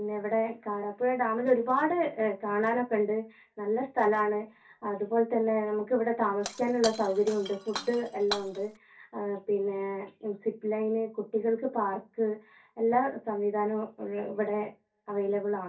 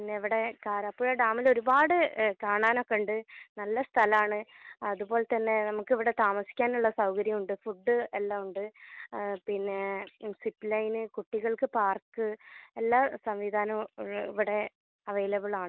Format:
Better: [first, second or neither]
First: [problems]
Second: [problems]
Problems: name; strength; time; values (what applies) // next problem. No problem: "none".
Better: second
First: background sound (Shatter); 11 dB below the speech // room echo; dies away in 0.3 s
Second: none